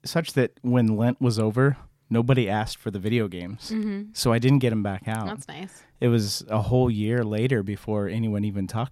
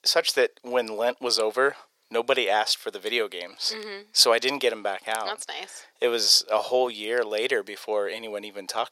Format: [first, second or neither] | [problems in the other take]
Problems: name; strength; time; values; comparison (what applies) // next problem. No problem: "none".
first | thin; very; fading below 500 Hz